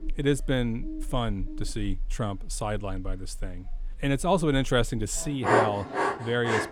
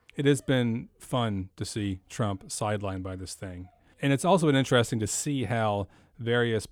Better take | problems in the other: second | animal sounds; loud; throughout; 4 dB below the speech

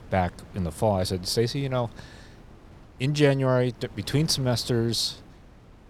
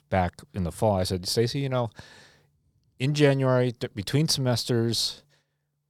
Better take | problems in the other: second | wind noise on the microphone; occasional gusts; 25 dB below the speech

